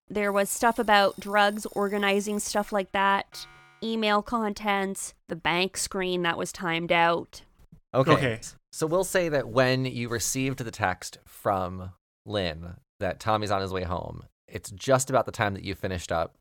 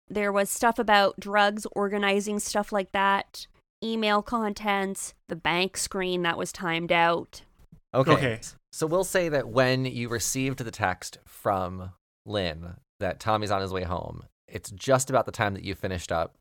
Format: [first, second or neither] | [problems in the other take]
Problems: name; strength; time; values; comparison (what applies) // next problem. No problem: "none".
second | alarms or sirens; faint; until 3.5 s; 25 dB below the speech